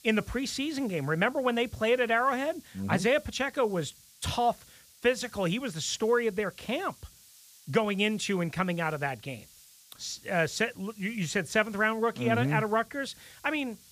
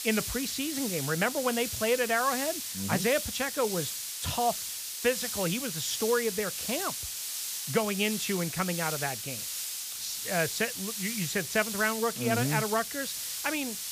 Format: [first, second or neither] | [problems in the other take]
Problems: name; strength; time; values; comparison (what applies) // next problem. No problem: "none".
first | hiss; loud; throughout; 3 dB below the speech; faint in the first